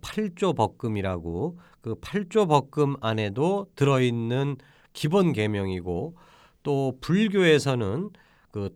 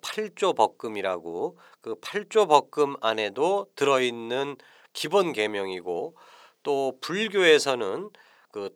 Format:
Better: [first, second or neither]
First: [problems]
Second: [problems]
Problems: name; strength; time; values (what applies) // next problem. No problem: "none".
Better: first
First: none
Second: thin; very; fading below 500 Hz